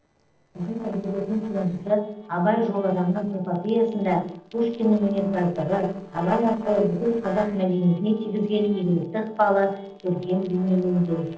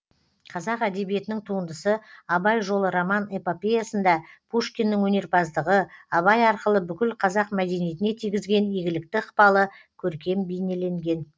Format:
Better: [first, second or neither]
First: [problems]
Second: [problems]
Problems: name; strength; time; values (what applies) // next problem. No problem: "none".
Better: second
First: noise reduction (neural separator model SepFormer DNS4)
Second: none